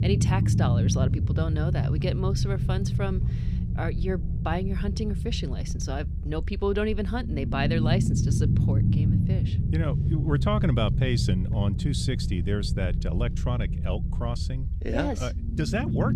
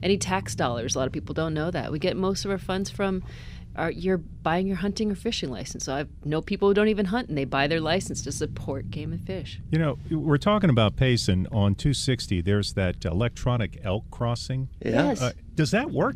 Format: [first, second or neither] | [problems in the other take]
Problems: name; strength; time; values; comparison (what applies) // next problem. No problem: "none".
second | low rumble; loud; throughout; 6 dB below the speech; faint in the second